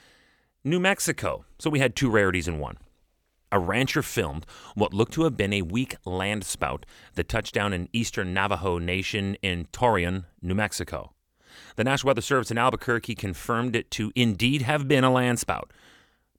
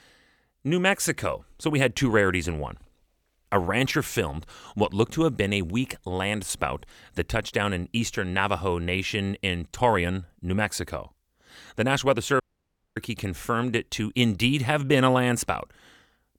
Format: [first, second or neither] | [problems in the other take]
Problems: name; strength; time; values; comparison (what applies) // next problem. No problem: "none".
first | audio cutting out; at 12 s for 0.5 s